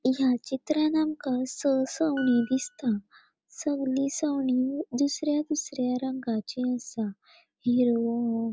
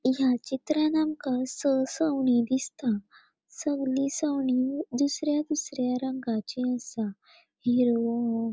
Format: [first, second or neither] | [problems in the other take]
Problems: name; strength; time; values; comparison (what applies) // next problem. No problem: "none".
second | background sound (Piano); 18 dB below the speech